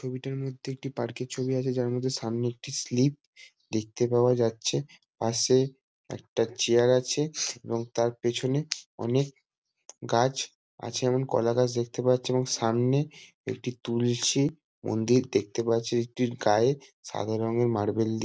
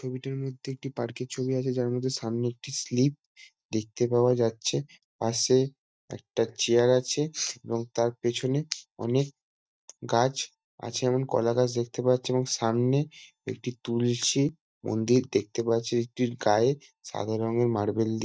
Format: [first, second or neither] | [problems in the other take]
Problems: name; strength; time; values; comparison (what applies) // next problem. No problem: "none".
first | noise reduction (neural mask model DeepFilterNet 3)